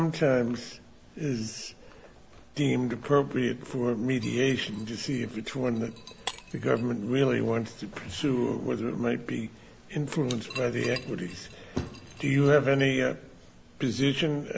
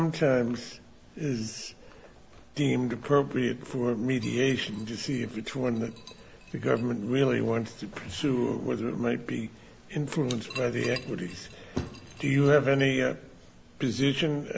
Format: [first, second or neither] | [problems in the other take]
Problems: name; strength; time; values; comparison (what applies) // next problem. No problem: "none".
second | background sound (Shatter); 19 dB below the speech